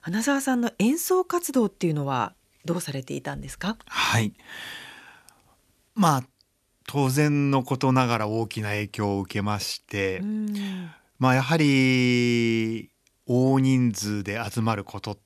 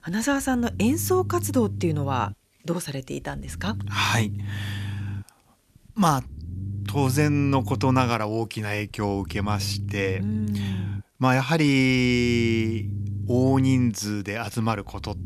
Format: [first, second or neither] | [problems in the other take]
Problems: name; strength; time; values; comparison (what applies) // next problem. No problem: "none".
first | low rumble; noticeable; throughout; 20 dB below the speech